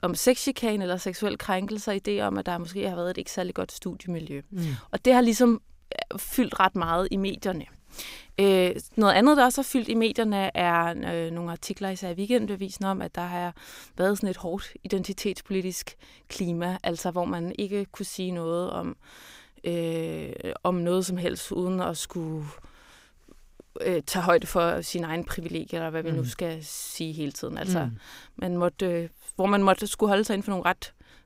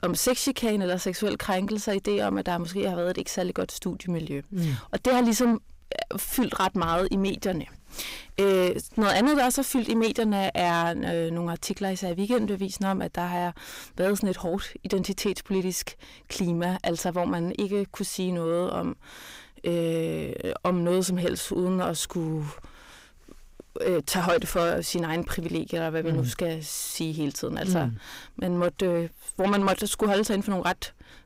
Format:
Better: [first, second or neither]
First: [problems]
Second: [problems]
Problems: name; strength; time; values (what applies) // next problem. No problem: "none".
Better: first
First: none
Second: distortion; heavy; 8 dB below the speech